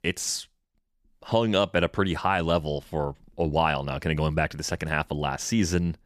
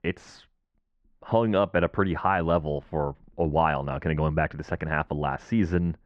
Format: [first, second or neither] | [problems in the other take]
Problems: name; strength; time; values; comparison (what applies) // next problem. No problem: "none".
first | muffled; very; fading above 1.5 kHz